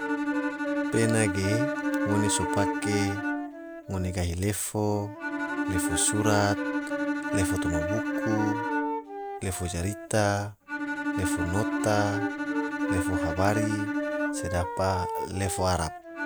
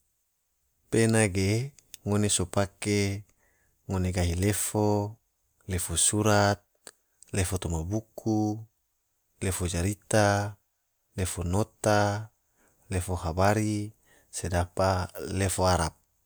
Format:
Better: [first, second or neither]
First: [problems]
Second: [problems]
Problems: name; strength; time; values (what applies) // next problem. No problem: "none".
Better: second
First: background sound (Wind instrument, woodwind instrument + Bowed string instrument); as loud as the speech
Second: none